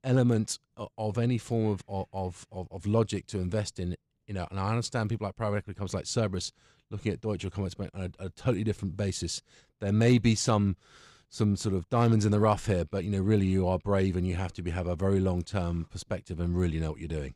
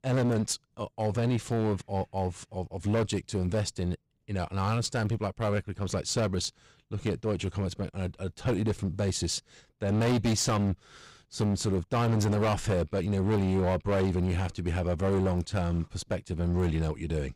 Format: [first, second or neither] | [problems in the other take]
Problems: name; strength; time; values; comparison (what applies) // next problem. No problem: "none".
first | distortion; heavy; 13% of the sound clipped